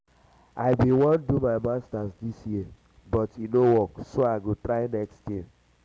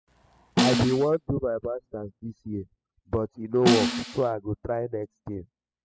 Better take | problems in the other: first | noise reduction (classical method spectral subtraction)

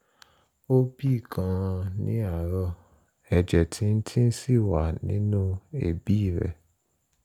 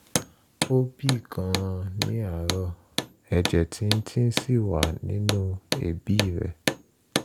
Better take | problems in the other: first | background sound (Hammer); 5 dB below the speech

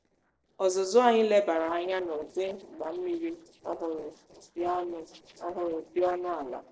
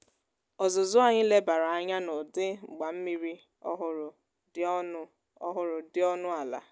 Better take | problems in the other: second | noise reduction (neural separator model SepFormer DNS4)

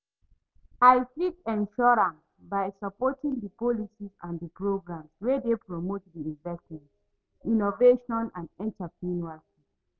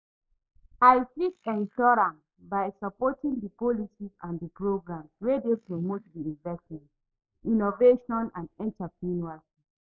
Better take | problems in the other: first | noise reduction (neural mask model Resemble Enhance denoiser)

